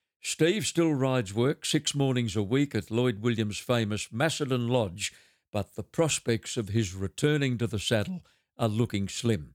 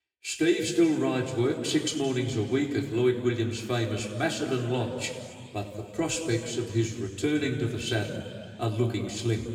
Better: first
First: none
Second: room echo; noticeable; dies away in 2.2 s // off-mic speech; far

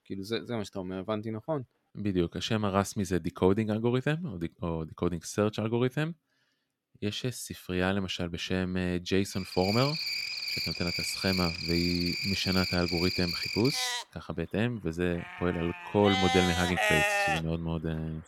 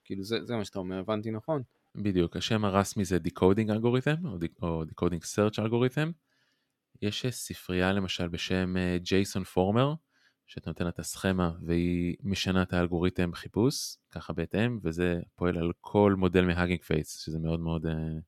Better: second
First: animal sounds; very loud; from 9.5 s on; 1 dB above the speech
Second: none

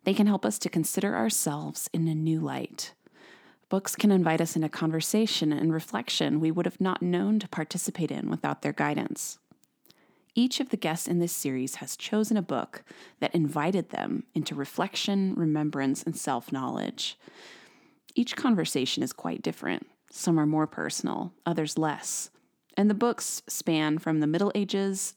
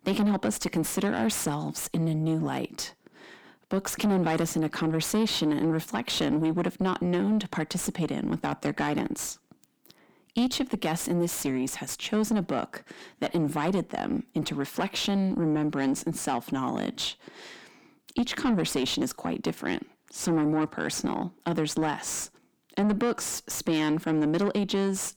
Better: first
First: none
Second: distortion; slight; 9 dB below the speech

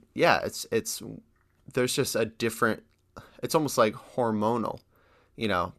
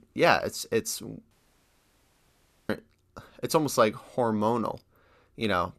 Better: first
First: none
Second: audio cutting out; at 1.5 s for 1.5 s

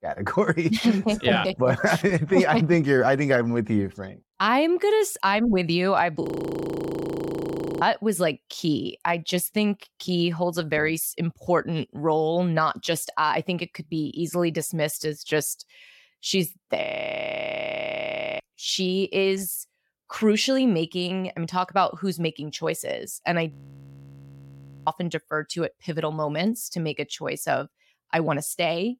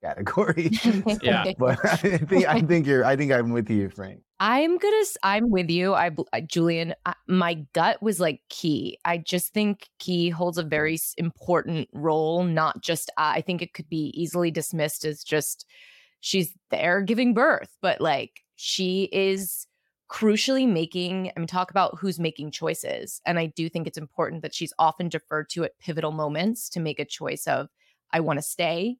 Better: second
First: audio freezing; at 6 s for 1.5 s, at 17 s for 1.5 s and at 24 s for 1.5 s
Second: none

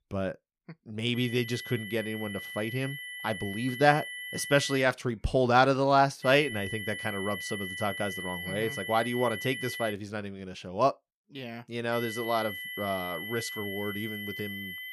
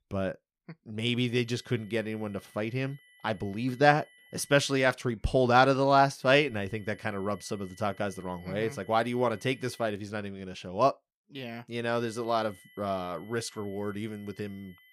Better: second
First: high-pitched whine; loud; from 1 to 5 s, from 6 to 10 s and from 12 s on; 2 kHz, 8 dB below the speech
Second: high-pitched whine; faint; from 1 to 5 s, from 6 to 10 s and from 12 s on; 2 kHz, 25 dB below the speech

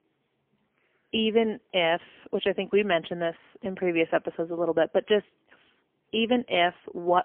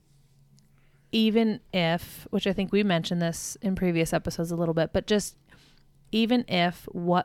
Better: second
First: phone-call audio; poor line; nothing above 3.5 kHz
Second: none

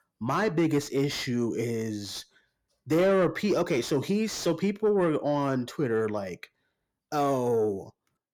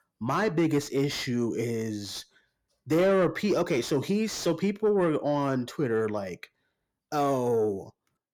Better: neither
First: distortion; slight; 10 dB below the speech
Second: distortion; slight; 10 dB below the speech

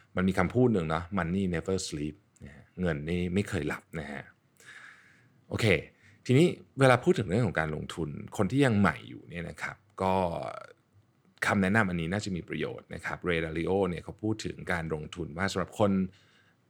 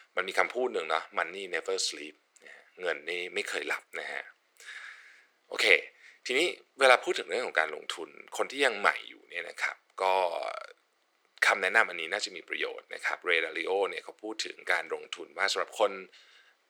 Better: first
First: none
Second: thin; very; fading below 450 Hz

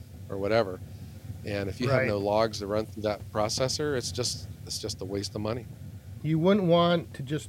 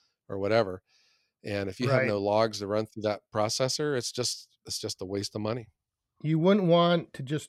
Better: second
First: hiss; noticeable; throughout; 15 dB below the speech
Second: none

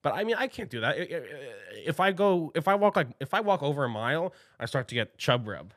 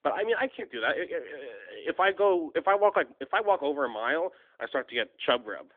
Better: first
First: none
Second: phone-call audio; nothing above 3.5 kHz

